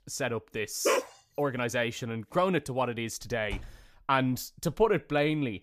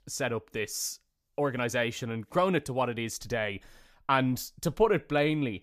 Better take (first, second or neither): second